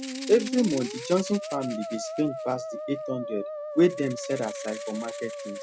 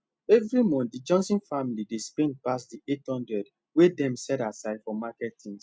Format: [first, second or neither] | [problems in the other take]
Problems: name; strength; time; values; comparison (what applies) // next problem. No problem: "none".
second | background sound (Rattle (instrument) + Musical instrument); 8 dB below the speech